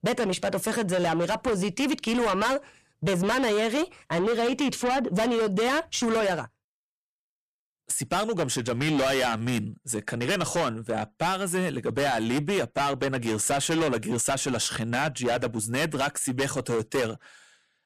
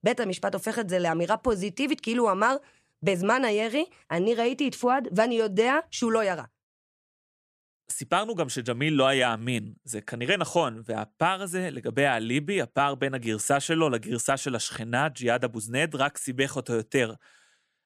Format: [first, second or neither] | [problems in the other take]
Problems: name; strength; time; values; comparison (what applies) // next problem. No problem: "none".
second | distortion; heavy; 6 dB below the speech